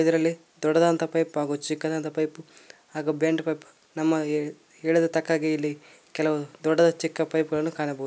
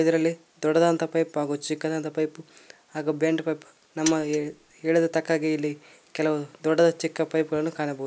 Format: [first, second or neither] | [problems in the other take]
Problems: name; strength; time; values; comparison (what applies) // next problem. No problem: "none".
first | background sound (Mechanisms); 11 dB below the speech